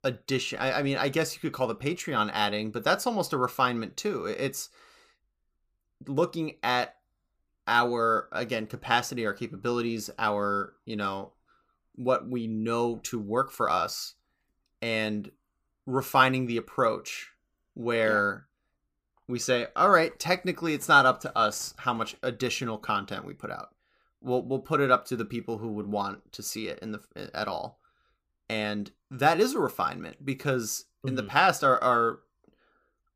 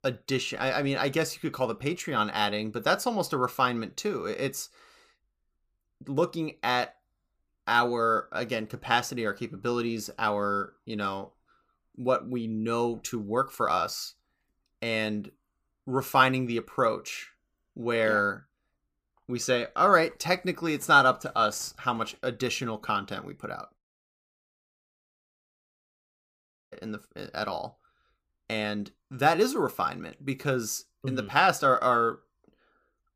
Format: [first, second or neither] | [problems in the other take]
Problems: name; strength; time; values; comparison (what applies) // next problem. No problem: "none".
first | audio cutting out; at 24 s for 3 s